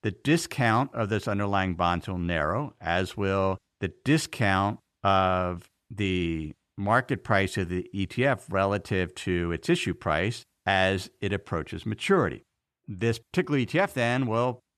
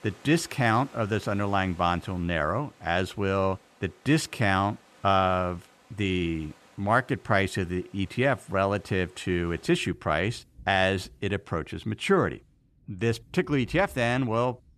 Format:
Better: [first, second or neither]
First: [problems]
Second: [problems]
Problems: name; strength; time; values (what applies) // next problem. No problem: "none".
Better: first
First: none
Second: rain or running water; faint; throughout; 25 dB below the speech